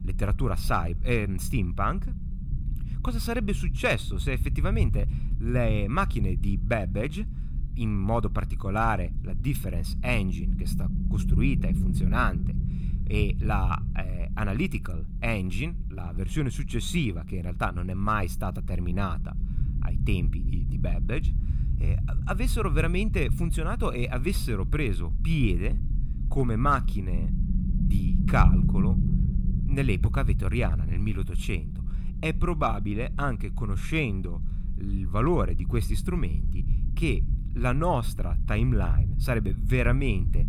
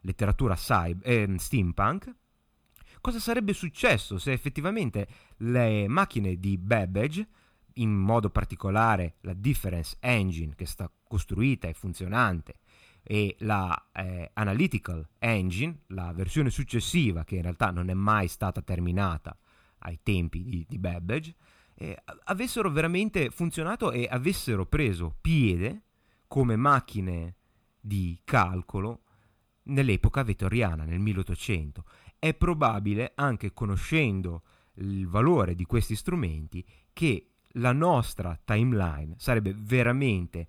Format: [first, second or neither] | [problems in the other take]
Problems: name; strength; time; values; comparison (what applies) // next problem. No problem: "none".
second | low rumble; noticeable; throughout; 15 dB below the speech